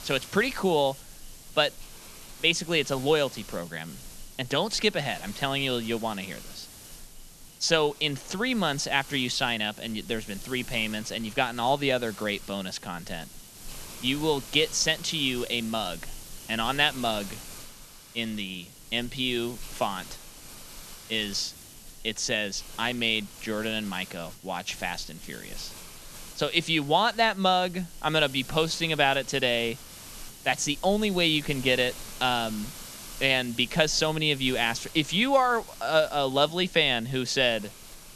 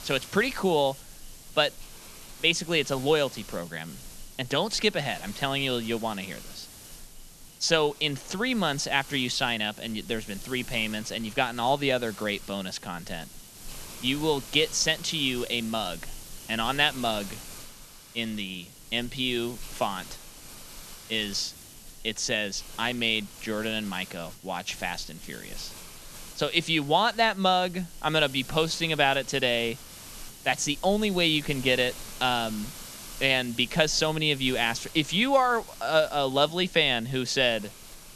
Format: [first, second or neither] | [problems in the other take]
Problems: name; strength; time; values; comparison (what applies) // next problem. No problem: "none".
neither | hiss; noticeable; throughout; 15 dB below the speech; the same in both